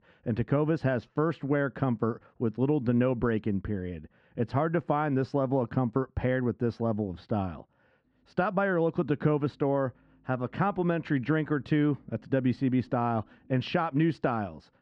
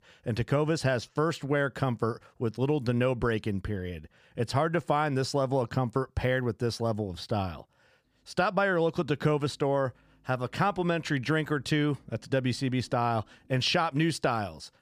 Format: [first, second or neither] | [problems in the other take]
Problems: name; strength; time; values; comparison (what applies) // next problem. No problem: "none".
second | muffled; very; fading above 2 kHz